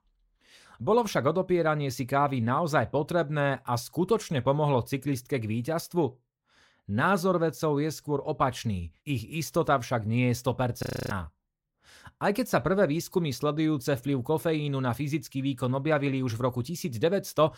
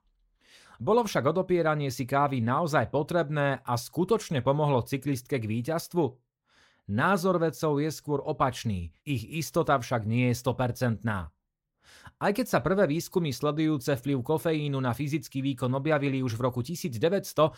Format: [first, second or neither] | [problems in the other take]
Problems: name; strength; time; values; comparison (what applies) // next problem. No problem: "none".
second | audio freezing; at 11 s